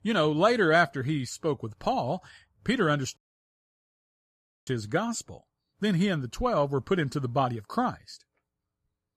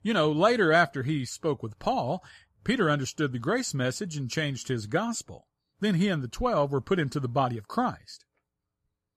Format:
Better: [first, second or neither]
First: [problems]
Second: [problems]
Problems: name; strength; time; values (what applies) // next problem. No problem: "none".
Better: second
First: audio cutting out; at 3 s for 1.5 s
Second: none